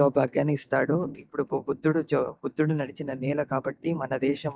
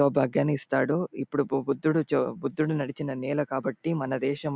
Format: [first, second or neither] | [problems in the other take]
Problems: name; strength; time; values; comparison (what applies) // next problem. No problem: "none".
second | noise reduction (neural mask model DeepFilterNet 3)